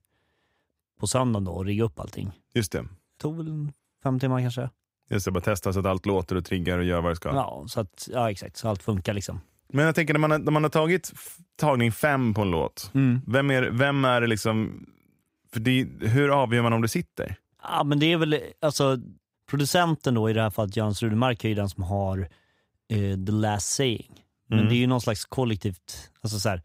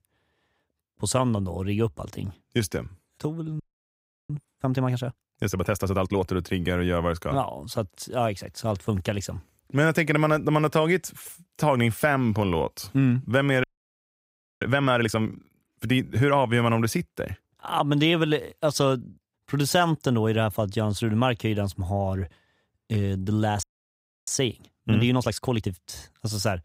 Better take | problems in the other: first | audio freezing; at 3.5 s for 0.5 s, at 14 s for 1 s and at 24 s for 0.5 s

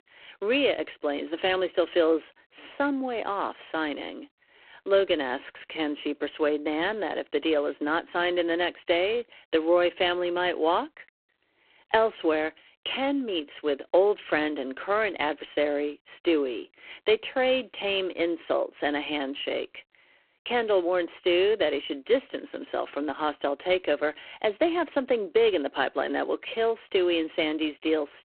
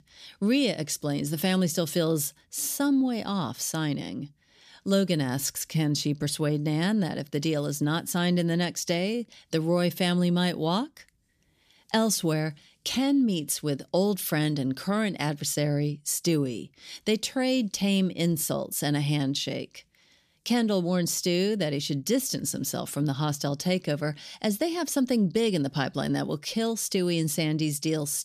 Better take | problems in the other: second | phone-call audio; poor line

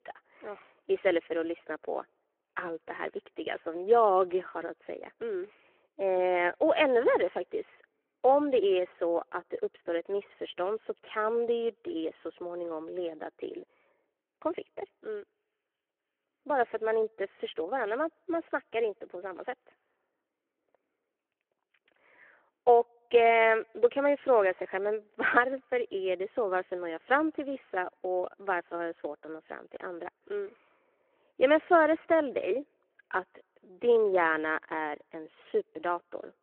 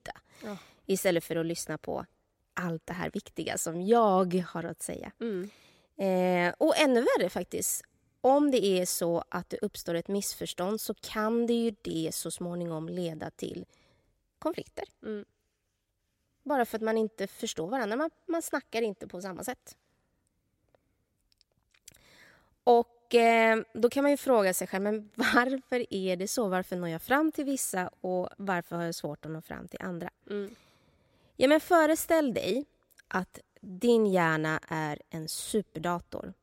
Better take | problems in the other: second | phone-call audio

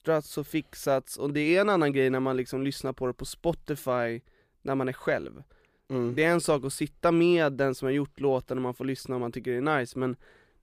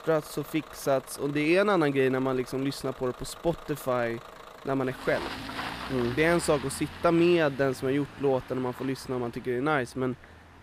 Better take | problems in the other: first | traffic noise; noticeable; throughout; 15 dB below the speech

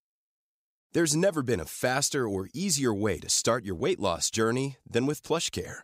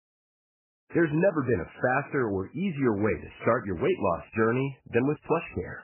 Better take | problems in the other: first | garbled, watery; badly; nothing above 3 kHz

